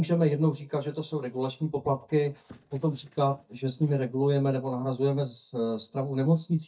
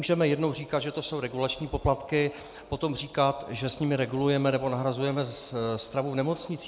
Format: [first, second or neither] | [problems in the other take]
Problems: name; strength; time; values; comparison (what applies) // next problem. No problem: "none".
second | noise reduction (neural mask model DeepFilterNet 3)